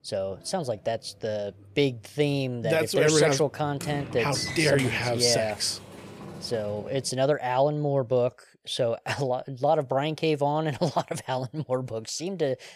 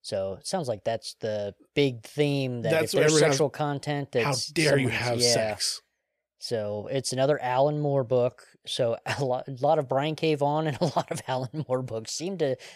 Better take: second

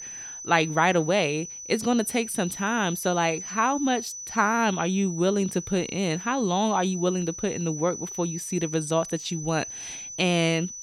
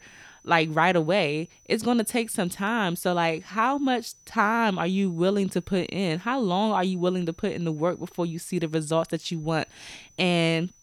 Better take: second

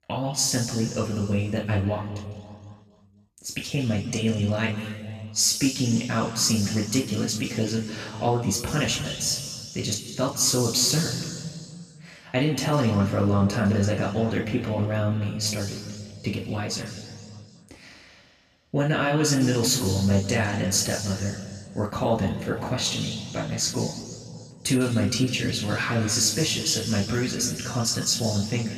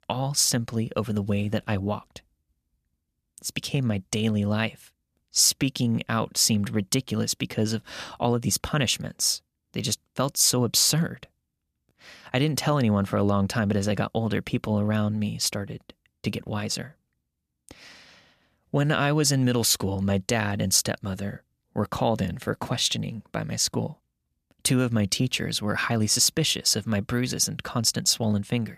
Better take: second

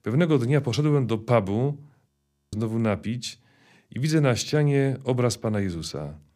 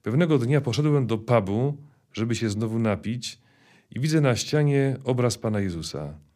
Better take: second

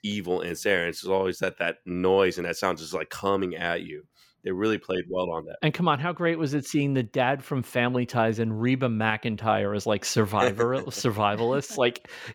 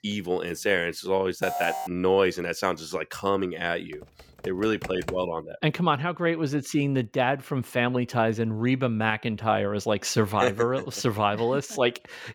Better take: first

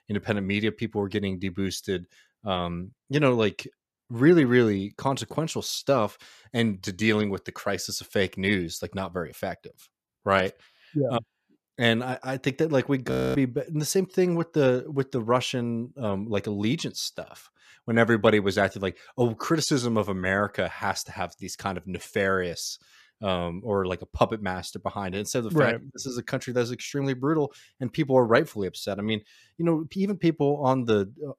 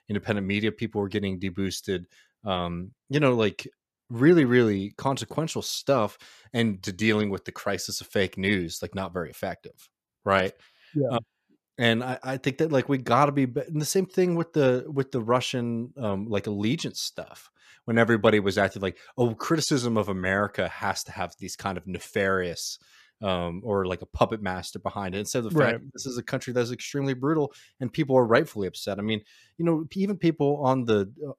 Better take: second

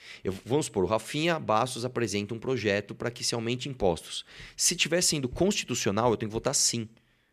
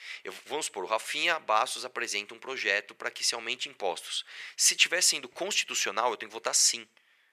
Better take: first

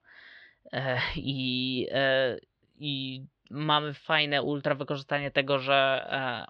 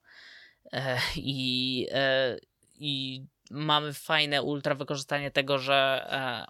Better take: second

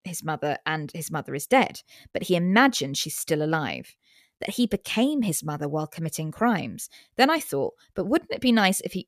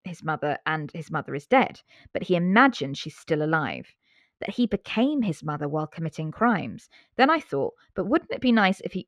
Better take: first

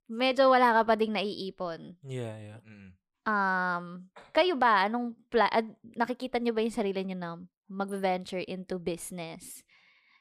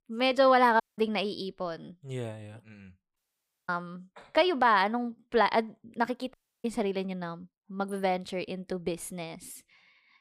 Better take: first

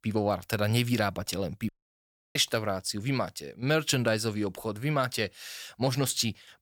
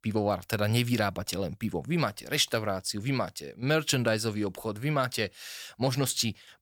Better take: second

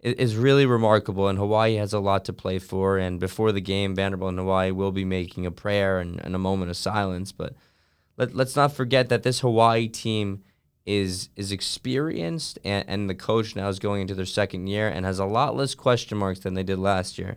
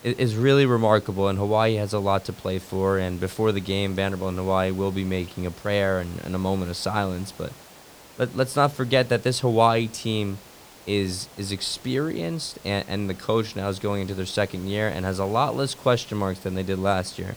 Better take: first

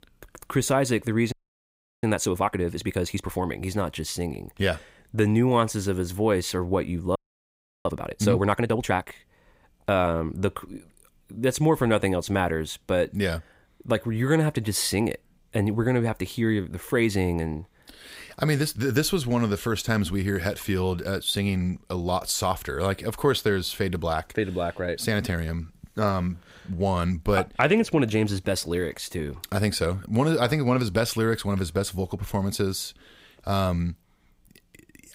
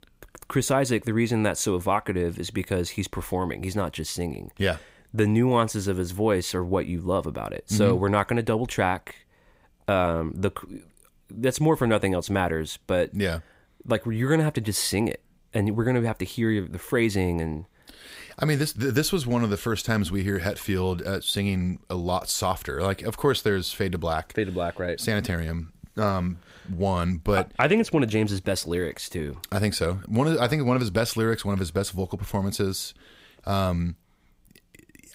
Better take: second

